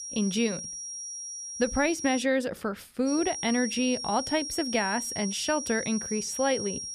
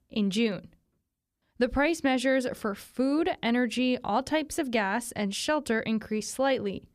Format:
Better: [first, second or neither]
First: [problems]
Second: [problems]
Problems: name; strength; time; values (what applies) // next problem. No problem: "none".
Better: second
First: high-pitched whine; loud; until 2 s and from 3 s on; 5.5 kHz, 6 dB below the speech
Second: none